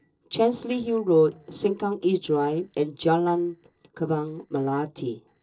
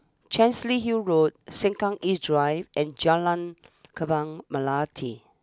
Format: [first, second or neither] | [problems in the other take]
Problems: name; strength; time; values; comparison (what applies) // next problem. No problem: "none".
second | noise reduction (neural separator model SepFormer DNS4)